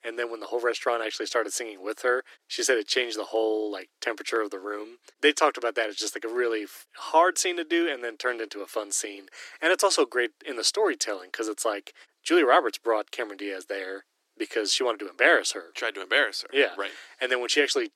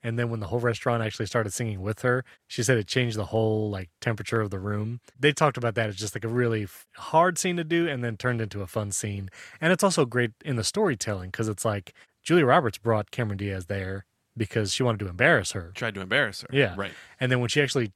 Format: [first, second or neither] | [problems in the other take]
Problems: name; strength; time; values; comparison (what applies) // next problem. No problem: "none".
second | thin; very; fading below 300 Hz